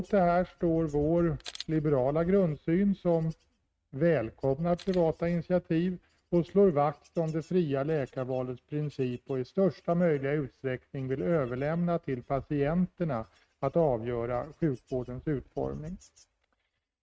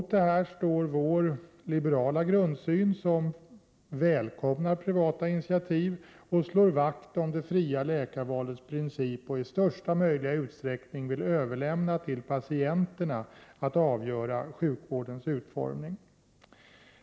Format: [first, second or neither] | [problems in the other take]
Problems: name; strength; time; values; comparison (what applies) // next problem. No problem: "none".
second | noise reduction (neural mask model RNNoise)